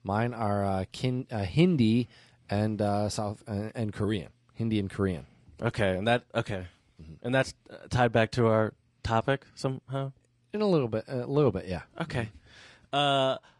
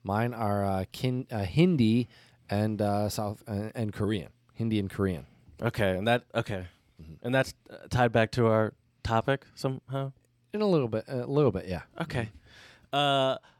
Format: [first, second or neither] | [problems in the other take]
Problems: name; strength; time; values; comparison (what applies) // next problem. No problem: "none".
second | garbled, watery; slightly; nothing above 11 kHz